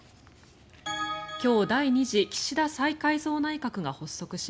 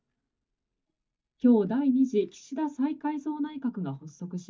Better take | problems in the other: first | noise reduction (neural mask model DeepFilterNet 3)

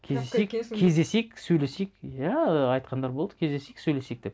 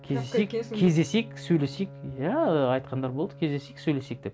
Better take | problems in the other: first | background sound (Bowed string instrument); 17 dB below the speech

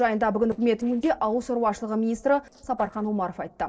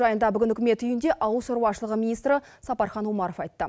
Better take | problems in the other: second | noise reduction (neural separator model SepFormer DNS4)

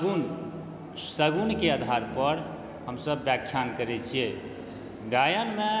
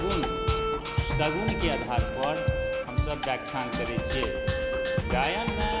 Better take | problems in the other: first | background sound (Percussion + Bowed string instrument); 3 dB above the speech

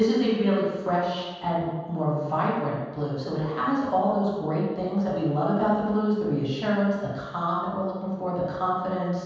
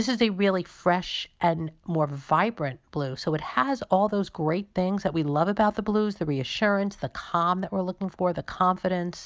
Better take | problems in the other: second | room echo; dies away in 1.2 s

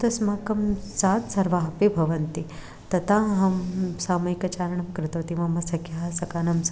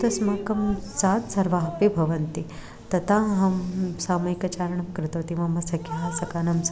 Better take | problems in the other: first | background sound (Drip); 15 dB below the speech

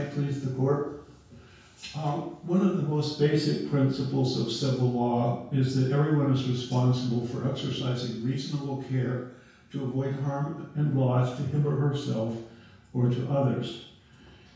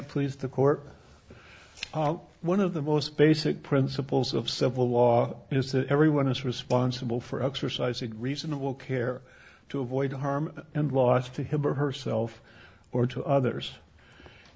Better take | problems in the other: second | room echo; dies away in 0.6 s

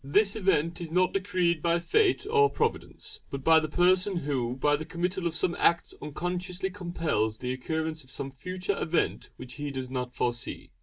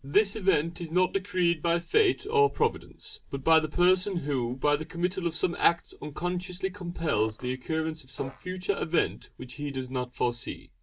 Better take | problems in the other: first | background sound (Fart); 19 dB below the speech

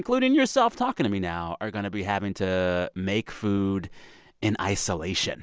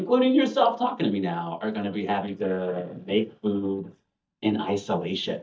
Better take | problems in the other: first | noise reduction (neural mask model DeepFilterNet 3)

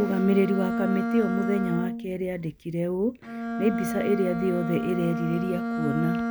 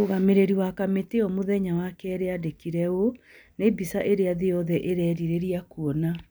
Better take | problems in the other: second | background sound (Bowed string instrument); 3 dB below the speech

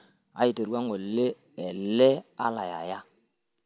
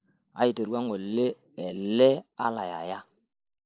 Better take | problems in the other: first | noise reduction (neural mask model Resemble Enhance denoiser)

